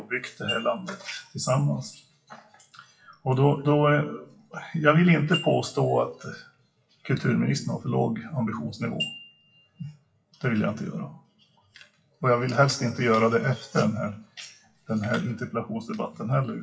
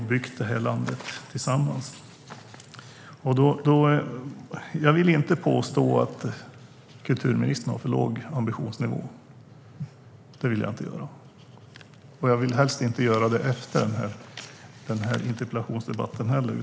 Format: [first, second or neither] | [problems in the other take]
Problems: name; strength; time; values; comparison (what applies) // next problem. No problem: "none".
second | noise reduction (classical method WPE with log-MMSE)